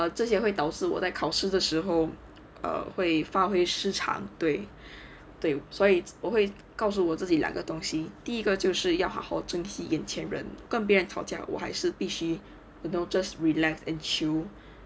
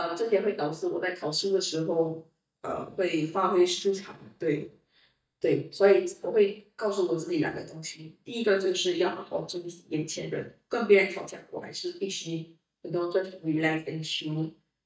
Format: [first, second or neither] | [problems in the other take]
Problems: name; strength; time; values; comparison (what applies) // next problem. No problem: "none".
first | noise reduction (neural mask model DeepFilterNet 3)